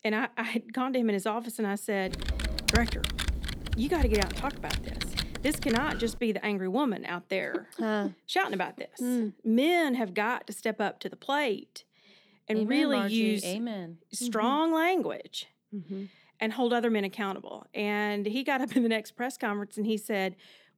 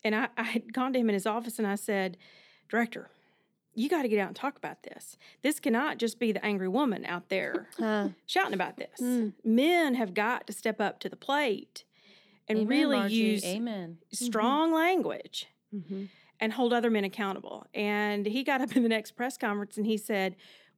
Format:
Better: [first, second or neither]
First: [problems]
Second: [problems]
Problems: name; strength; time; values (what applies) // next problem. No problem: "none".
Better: second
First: keyboard typing; loud; from 2 to 6 s; peak 2 dB above the speech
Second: none